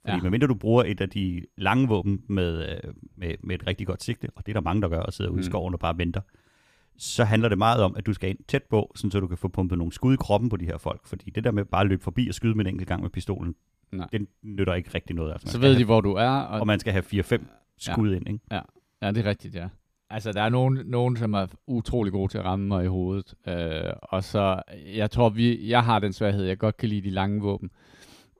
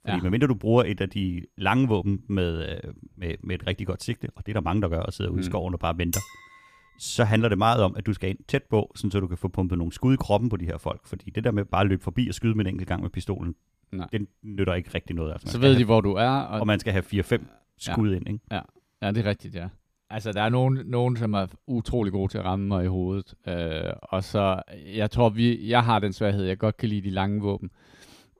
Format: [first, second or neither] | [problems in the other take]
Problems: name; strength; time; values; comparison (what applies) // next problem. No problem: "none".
first | clattering dishes; noticeable; at 6 s; peak 6 dB below the speech